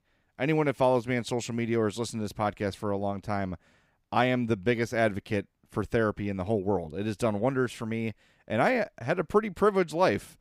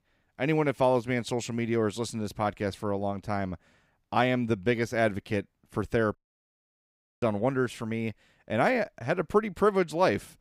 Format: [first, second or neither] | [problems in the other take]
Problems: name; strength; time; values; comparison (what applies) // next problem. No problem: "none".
first | audio cutting out; at 6 s for 1 s